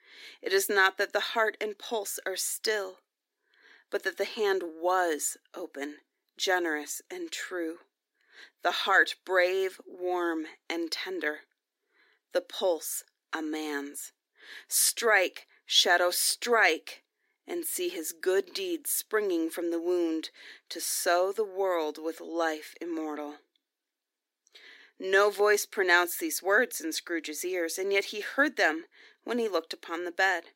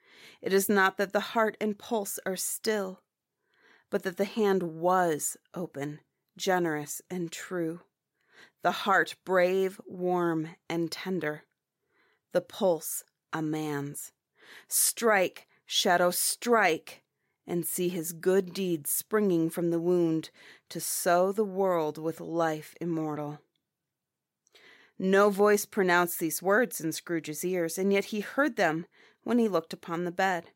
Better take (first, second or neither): second